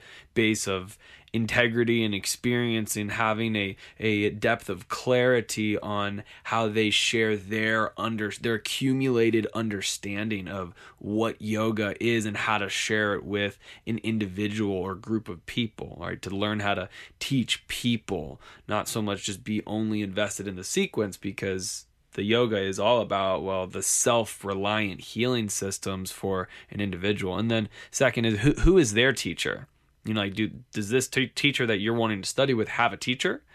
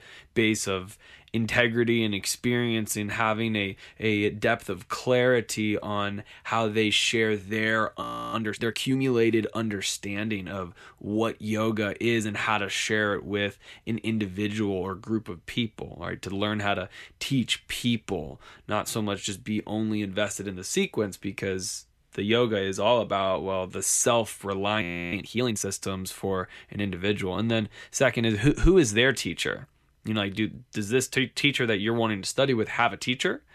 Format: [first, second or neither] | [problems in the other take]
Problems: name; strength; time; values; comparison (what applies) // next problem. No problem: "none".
first | audio freezing; at 8 s and at 25 s